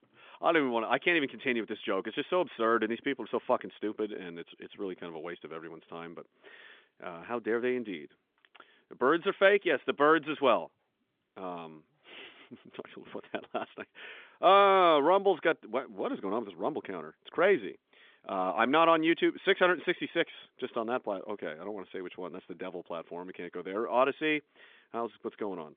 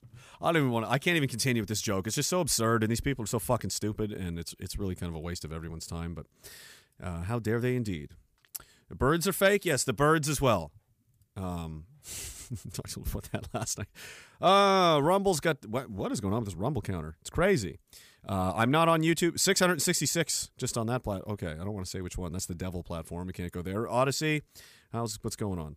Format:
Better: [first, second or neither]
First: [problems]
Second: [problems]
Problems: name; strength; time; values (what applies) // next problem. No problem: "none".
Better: second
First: phone-call audio; nothing above 3.5 kHz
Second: none